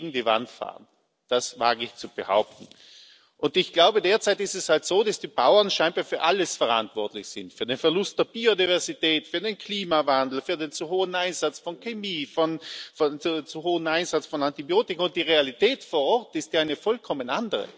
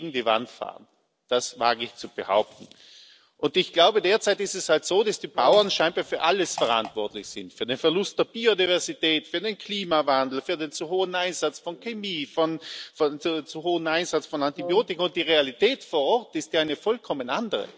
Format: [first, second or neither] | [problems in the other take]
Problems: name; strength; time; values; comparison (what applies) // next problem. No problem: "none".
first | background sound (Fart + Brass instrument); 13 dB below the speech